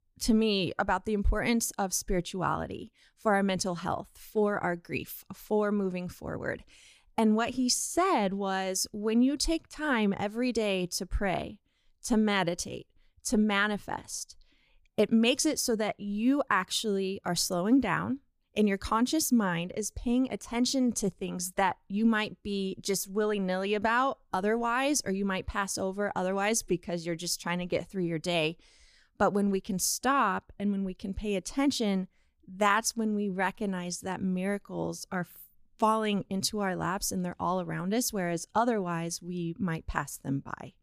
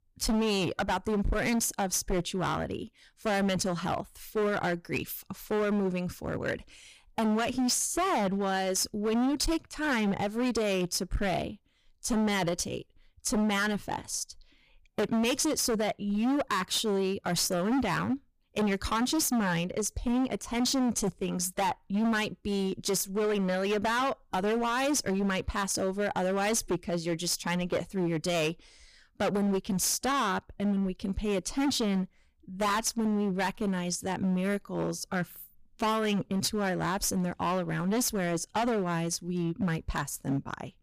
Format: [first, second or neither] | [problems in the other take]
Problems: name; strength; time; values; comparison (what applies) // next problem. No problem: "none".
first | distortion; heavy; 17% of the sound clipped